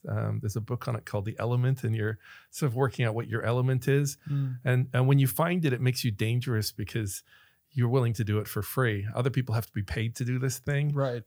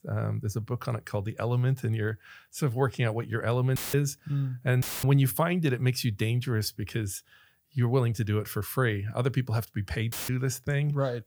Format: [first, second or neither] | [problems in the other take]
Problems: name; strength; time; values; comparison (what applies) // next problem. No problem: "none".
first | audio cutting out; filled with static; at 4 s, at 5 s and at 10 s